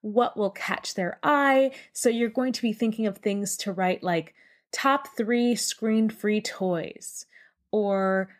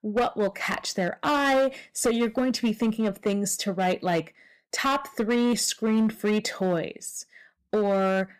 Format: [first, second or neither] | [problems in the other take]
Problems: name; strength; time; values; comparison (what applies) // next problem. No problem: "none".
first | distortion; slight; 8% of the sound clipped